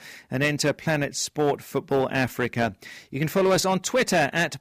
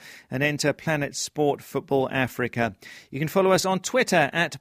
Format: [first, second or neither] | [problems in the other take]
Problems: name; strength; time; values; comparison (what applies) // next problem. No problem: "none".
second | distortion; slight; 5% of the sound clipped